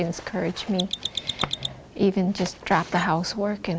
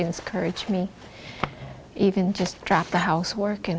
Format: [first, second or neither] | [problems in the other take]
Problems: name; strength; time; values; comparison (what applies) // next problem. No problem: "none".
second | background sound (Mechanisms); 6 dB below the speech